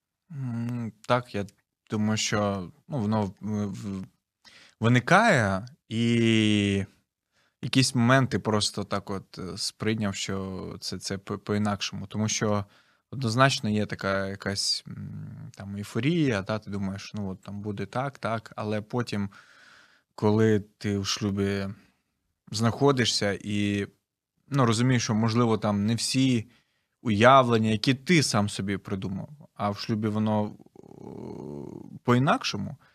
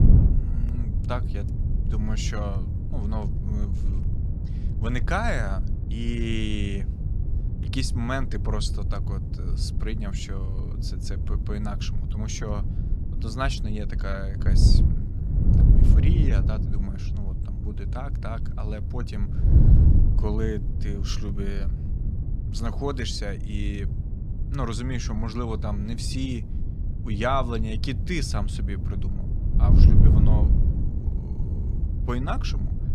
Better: first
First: none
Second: wind noise on the microphone; heavy; 6 dB below the speech

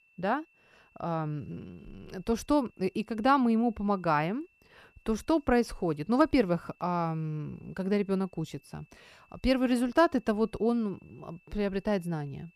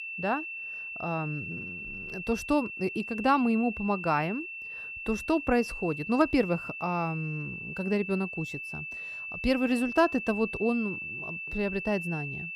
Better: first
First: high-pitched whine; faint; throughout; 2.5 kHz, 35 dB below the speech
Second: high-pitched whine; loud; throughout; 2.5 kHz, 7 dB below the speech

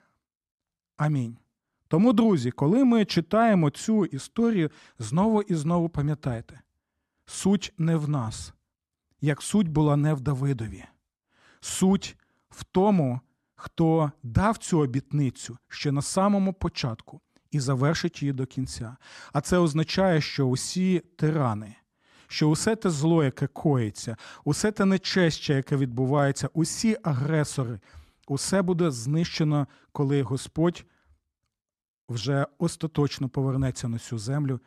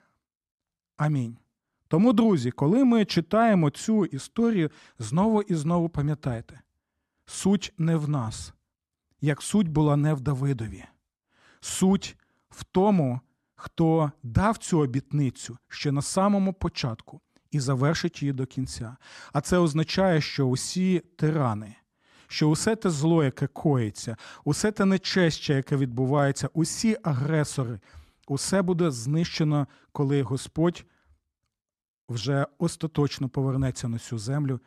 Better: neither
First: none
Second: none

